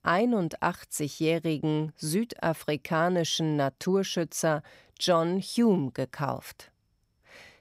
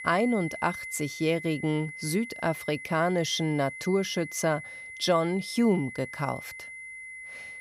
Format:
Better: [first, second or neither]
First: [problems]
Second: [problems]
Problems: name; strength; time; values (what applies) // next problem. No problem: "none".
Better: first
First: none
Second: high-pitched whine; noticeable; throughout; 2 kHz, 10 dB below the speech